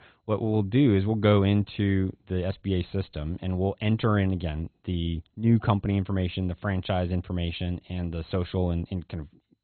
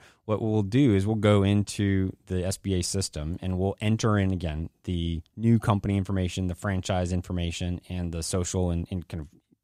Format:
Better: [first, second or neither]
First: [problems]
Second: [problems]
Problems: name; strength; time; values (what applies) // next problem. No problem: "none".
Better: second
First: garbled, watery; badly; nothing above 4 kHz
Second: none